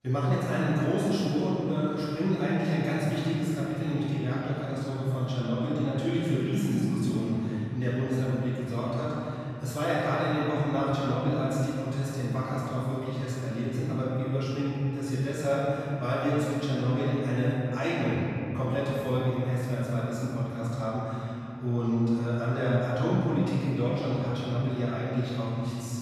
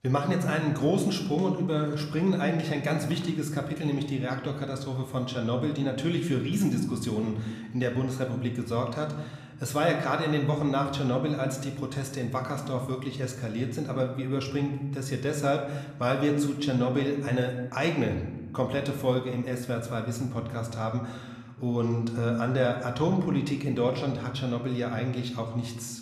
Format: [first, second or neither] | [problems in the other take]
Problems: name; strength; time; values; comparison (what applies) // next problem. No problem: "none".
second | room echo; strong; dies away in 3 s; slight in the second // off-mic speech; far